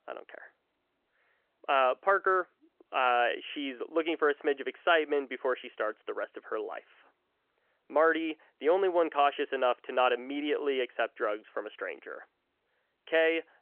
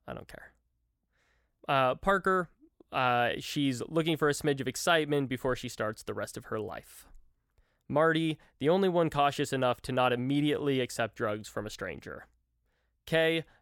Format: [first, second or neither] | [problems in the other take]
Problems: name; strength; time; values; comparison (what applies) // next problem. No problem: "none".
second | phone-call audio; nothing above 3 kHz